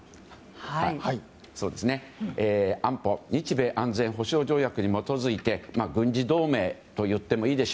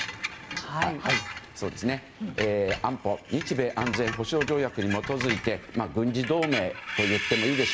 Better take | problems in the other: first | background sound (Screech); 5 dB below the speech

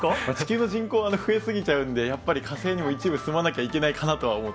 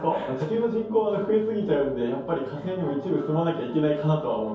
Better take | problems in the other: first | room echo; dies away in 0.6 s

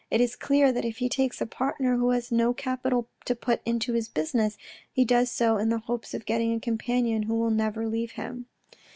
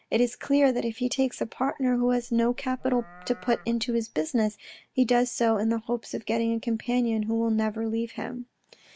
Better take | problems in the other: first | background sound (Livestock, farm animals, working animals); 19 dB below the speech

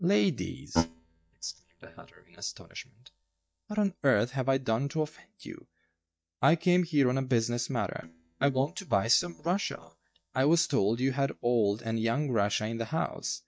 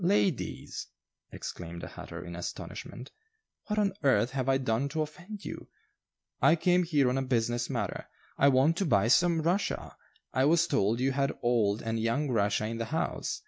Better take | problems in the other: second | noise reduction (neural mask model DeepFilterNet 3)

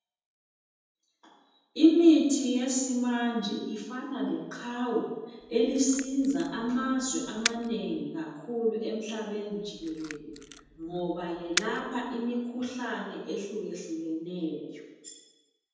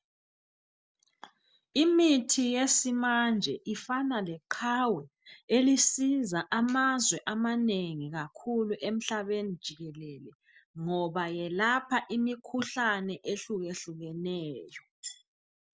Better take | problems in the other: second | background sound (Camera); 10 dB below the speech // room echo; dies away in 1.1 s

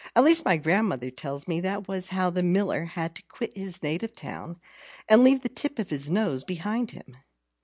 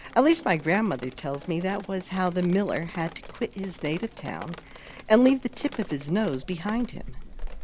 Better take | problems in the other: first | background sound (Drip); 13 dB below the speech

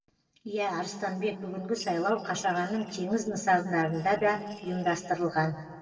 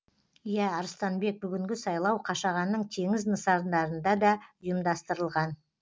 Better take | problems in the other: second | noise reduction (neural separator model SepFormer DNS4)

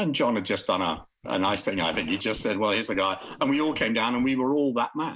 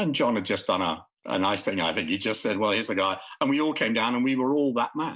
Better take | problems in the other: second | noise reduction (neural mask model Resemble Enhance denoiser)

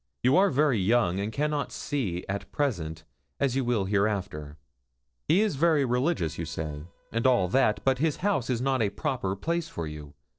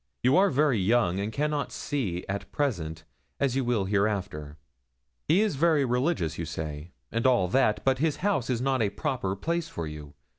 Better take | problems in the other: second | noise reduction (neural separator model SepFormer DNS4)

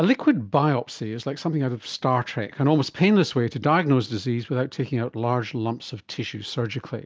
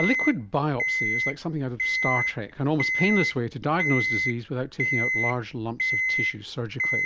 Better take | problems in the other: first | background sound (Alarm); as loud as the speech

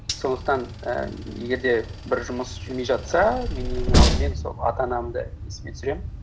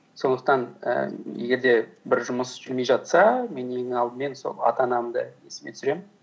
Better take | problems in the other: second | background sound (Train); as loud as the speech

